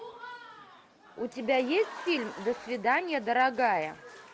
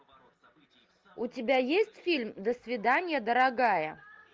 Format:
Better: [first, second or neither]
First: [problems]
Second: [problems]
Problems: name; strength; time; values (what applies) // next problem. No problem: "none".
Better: second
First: background sound (Applause / Crowd); 16 dB below the speech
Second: none